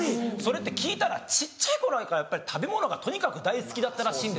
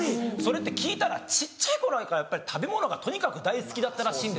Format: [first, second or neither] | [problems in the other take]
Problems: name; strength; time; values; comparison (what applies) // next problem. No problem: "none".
first | background sound (Tabla); 13 dB below the speech